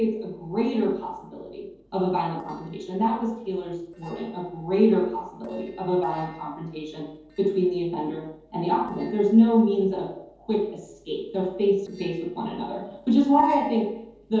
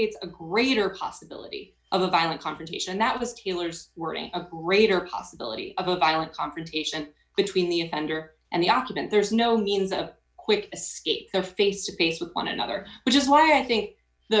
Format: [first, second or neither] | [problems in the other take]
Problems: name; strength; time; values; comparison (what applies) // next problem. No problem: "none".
second | noise reduction (neural separator model SepFormer DNS4)